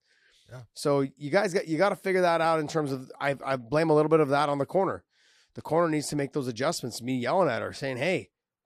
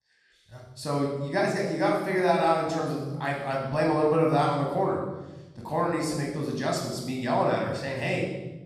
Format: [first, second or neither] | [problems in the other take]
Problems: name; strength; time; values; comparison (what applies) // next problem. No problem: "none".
first | off-mic speech; far // room echo; noticeable; dies away in 1.1 s